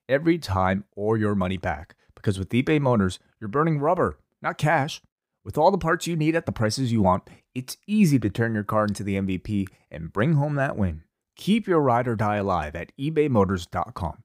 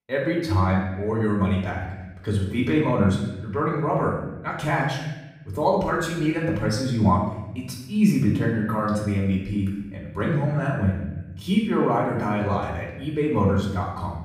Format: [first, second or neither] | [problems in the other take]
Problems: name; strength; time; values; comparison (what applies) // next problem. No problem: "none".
first | off-mic speech; far // room echo; noticeable; dies away in 1 s